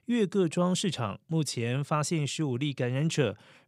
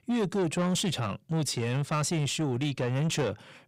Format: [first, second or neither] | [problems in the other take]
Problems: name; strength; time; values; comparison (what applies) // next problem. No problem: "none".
first | distortion; slight; 10 dB below the speech